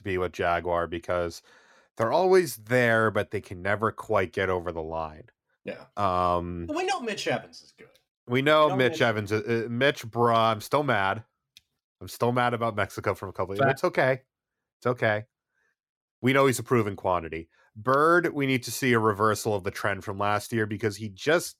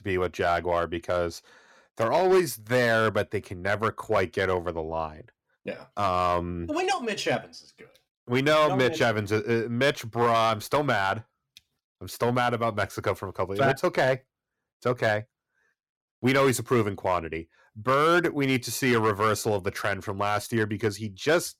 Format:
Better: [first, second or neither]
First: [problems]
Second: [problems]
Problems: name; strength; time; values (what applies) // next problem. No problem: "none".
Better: first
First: none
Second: distortion; slight; 3% of the sound clipped